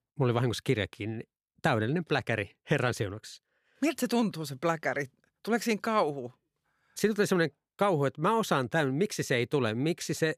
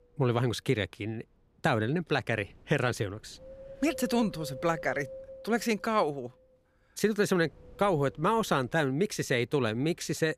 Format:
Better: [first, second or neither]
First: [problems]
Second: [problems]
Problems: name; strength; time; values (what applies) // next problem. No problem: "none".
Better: first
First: none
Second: wind noise on the microphone; occasional gusts; 15 dB below the speech